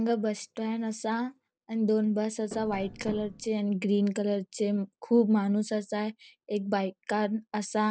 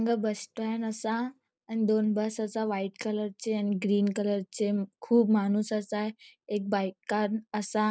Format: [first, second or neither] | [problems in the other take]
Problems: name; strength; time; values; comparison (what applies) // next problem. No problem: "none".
second | background sound (Tap); 13 dB below the speech